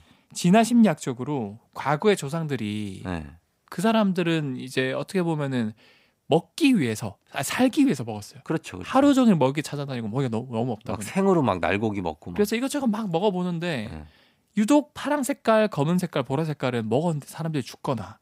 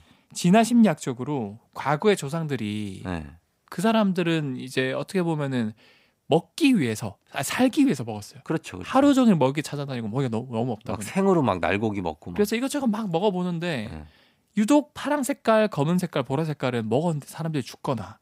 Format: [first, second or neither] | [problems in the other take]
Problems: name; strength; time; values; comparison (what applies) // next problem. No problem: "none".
neither | none